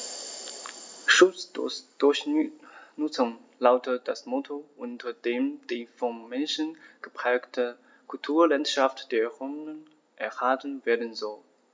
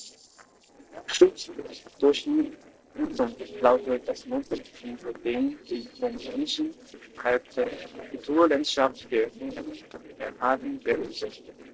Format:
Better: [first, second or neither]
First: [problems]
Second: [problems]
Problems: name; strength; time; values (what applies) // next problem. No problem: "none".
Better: first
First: none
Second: noise reduction (neural separator model SepFormer DNS4)